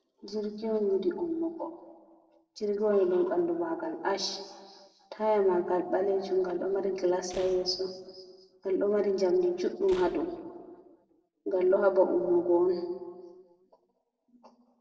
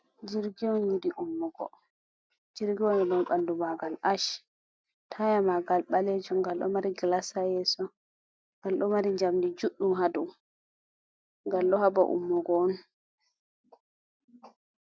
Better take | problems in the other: second | noise reduction (neural separator model SepFormer DNS4)

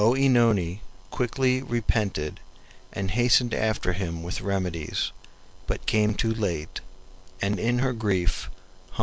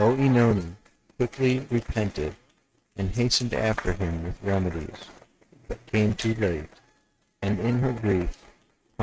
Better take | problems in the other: first | noise reduction (neural mask model RNNoise)

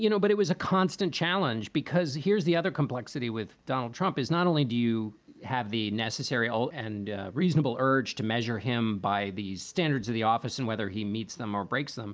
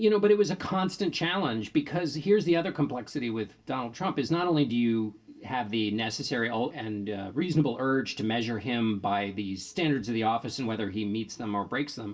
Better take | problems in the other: first | room echo; dies away in 0.2 s

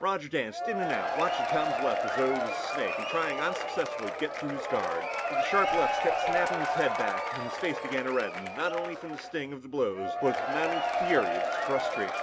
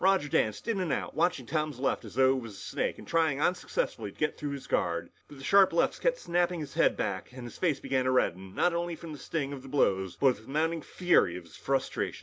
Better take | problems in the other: second | background sound (Applause / Crowd / Cheering); 1 dB above the speech

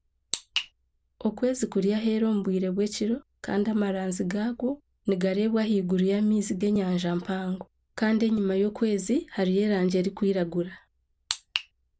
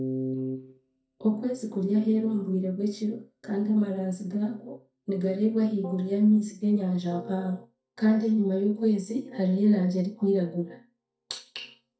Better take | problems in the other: first | noise reduction (neural mask model DeepFilterNet 3)

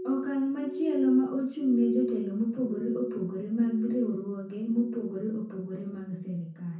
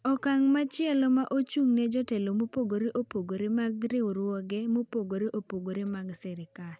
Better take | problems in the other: second | background sound (Glass); 9 dB below the speech // room echo; dies away in 0.5 s

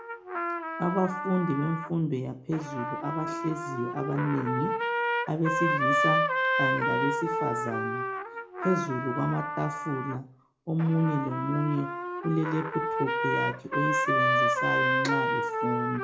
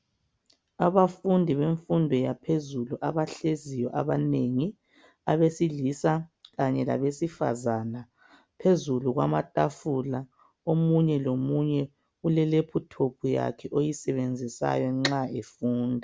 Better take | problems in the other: second | background sound (Trumpet); 1 dB above the speech // room echo; dies away in 0.3 s

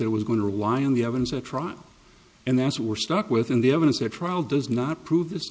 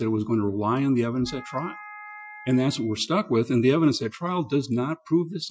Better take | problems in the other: first | noise reduction (classical method Wiener filter)

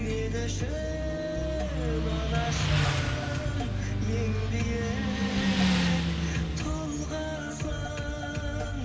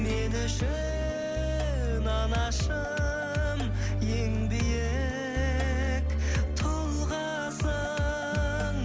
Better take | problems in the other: second | background sound (Motorcycle); 1 dB below the speech // room echo; dies away in 2.4 s

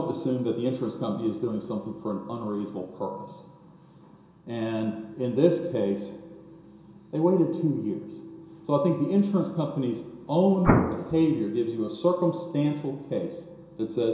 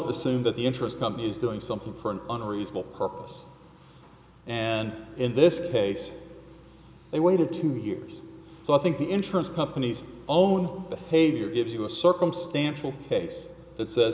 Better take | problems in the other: second | background sound (Explosion); 2 dB above the speech // room echo; dies away in 0.7 s

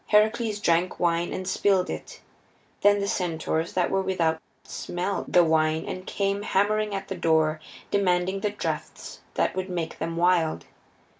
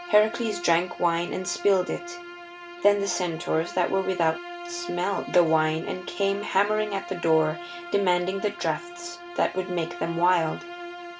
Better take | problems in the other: first | background sound (Bowed string instrument); 13 dB below the speech

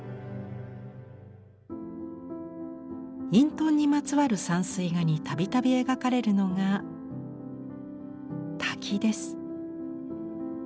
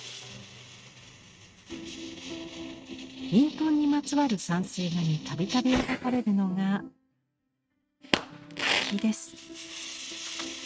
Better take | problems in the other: first | noise reduction (neural mask model RNNoise)

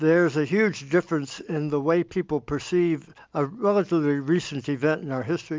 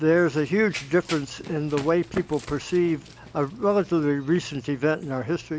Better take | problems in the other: first | background sound (Run); 18 dB below the speech

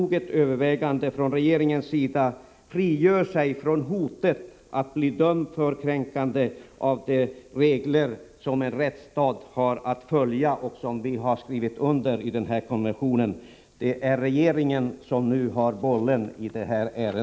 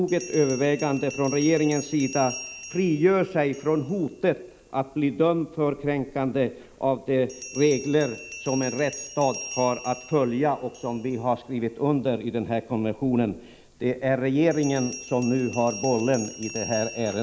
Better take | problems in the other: first | background sound (Bell); 16 dB below the speech

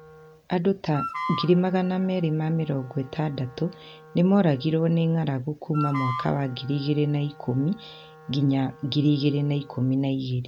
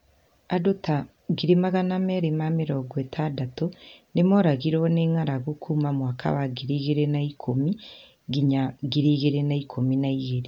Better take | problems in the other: second | background sound (Wind instrument, woodwind instrument); 15 dB below the speech

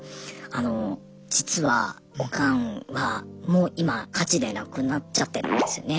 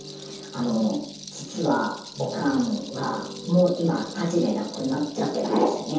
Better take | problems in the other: first | background sound (Rattle); 17 dB below the speech // room echo; dies away in 0.7 s

